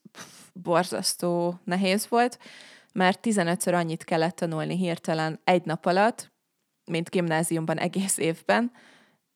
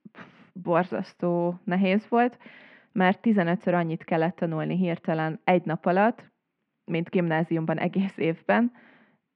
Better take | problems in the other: first | muffled; very; fading above 2.5 kHz

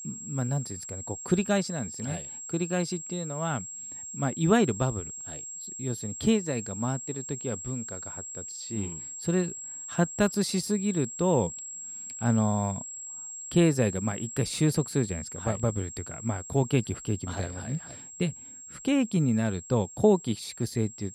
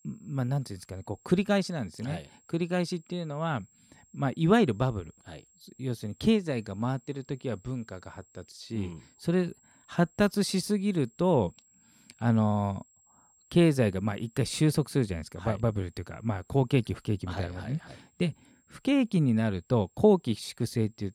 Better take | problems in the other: second | high-pitched whine; loud; throughout; 7.5 kHz, 9 dB below the speech; faint in the second

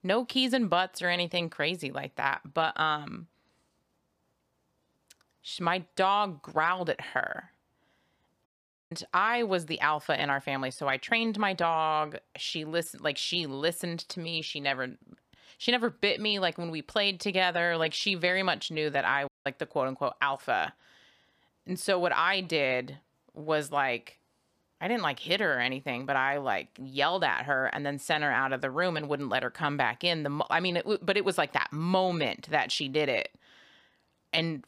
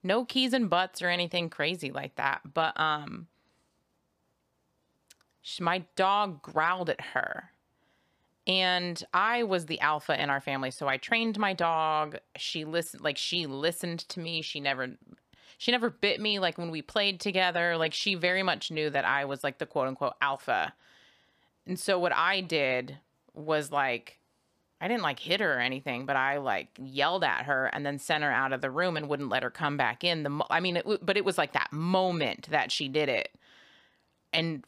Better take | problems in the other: second | audio cutting out; at 8.5 s and at 19 s

